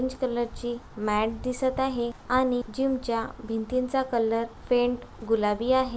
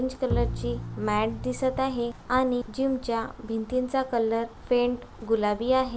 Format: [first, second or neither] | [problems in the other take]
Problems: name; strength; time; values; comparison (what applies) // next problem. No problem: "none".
first | background sound (Bowed string instrument); 8 dB below the speech